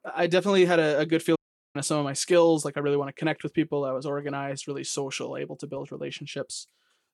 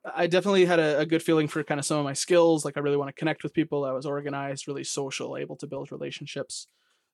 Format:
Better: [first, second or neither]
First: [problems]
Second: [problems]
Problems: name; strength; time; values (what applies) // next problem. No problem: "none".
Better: second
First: audio cutting out; at 1.5 s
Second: none